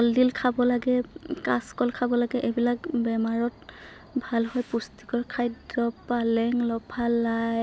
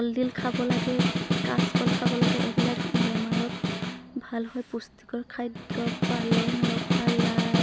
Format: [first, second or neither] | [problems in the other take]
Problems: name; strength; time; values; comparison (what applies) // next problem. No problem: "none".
first | background sound (Snare drum); 4 dB above the speech